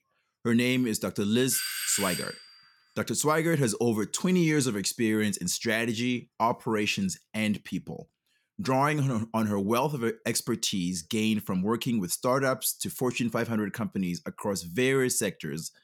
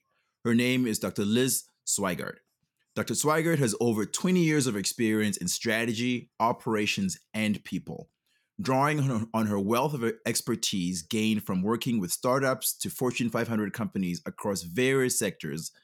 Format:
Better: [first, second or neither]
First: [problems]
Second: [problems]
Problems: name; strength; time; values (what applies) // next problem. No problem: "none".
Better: second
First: doorbell; noticeable; at 1.5 s; peak 2 dB below the speech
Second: none